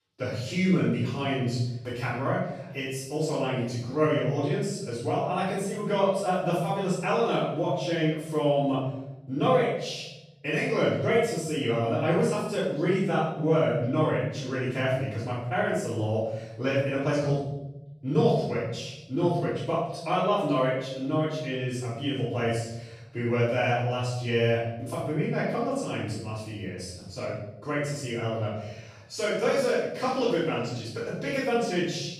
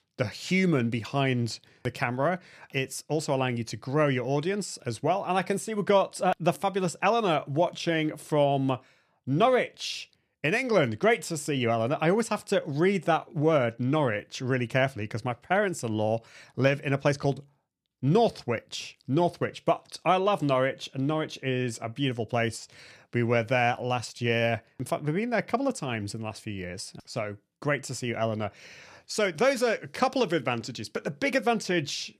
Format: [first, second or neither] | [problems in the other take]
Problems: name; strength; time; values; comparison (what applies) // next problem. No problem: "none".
second | off-mic speech; far // room echo; strong; dies away in 0.9 s